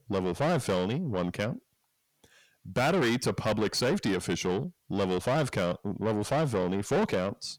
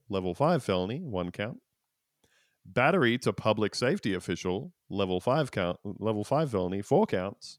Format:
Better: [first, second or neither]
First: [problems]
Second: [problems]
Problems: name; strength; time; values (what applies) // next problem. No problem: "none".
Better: second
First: distortion; heavy; 6 dB below the speech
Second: none